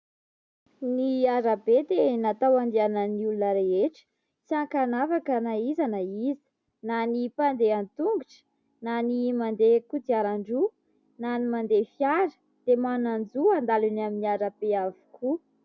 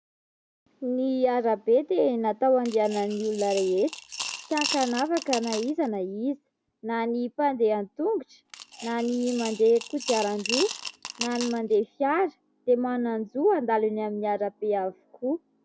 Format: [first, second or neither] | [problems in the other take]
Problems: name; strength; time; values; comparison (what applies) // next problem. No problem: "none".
first | background sound (Coin (dropping) / Glass); 10 dB below the speech